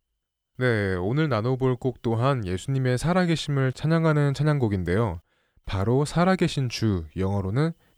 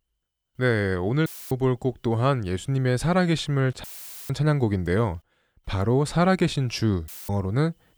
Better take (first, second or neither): first